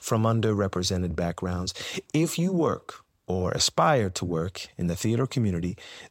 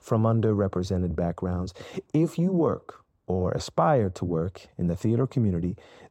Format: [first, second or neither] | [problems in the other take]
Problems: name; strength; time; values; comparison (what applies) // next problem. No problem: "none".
first | muffled; slightly; fading above 1.5 kHz